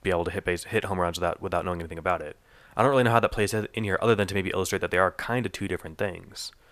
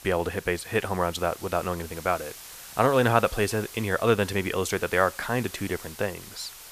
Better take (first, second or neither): first